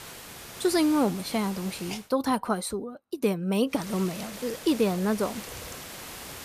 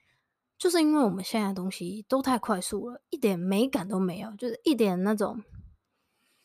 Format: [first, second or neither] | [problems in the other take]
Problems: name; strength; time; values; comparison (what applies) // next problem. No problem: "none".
second | hiss; noticeable; until 2 s and from 4 s on; 10 dB below the speech